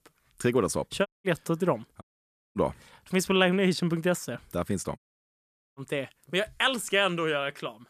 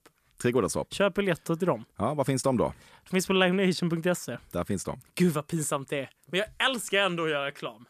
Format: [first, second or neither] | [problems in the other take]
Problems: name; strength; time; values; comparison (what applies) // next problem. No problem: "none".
second | audio cutting out; at 1 s, at 2 s for 0.5 s and at 5 s for 1 s